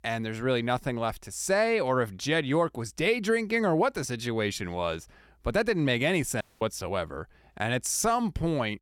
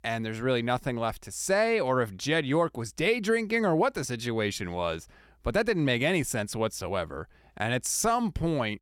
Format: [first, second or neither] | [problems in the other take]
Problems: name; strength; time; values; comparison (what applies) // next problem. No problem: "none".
second | audio cutting out; at 6.5 s